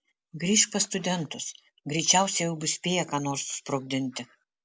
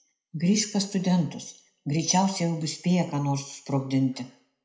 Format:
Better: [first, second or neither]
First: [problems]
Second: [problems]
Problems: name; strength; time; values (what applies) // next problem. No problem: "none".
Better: first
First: none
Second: room echo; dies away in 0.5 s